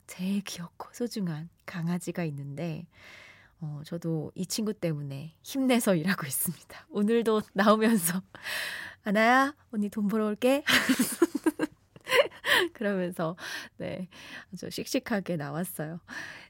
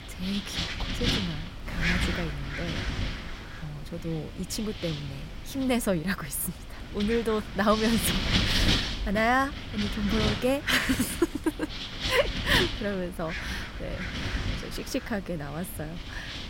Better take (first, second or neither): first